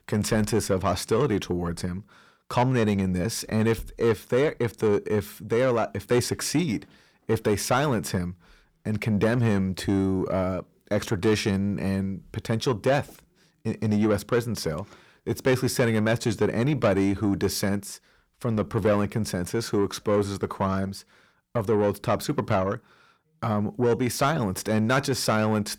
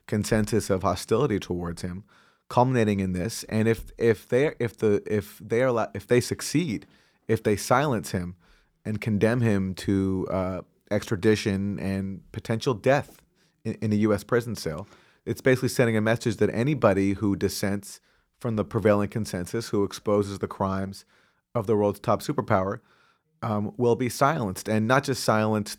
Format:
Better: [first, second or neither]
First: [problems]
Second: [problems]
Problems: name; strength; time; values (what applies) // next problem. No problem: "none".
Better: second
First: distortion; slight; 10 dB below the speech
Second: none